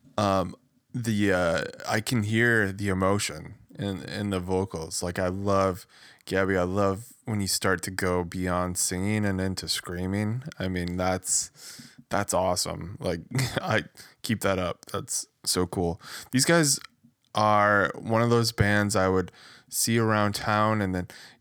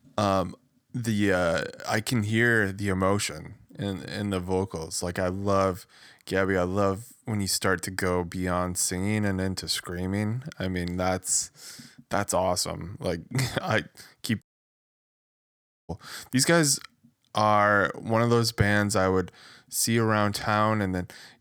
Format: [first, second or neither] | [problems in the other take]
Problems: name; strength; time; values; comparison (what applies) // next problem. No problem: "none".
first | audio cutting out; at 14 s for 1.5 s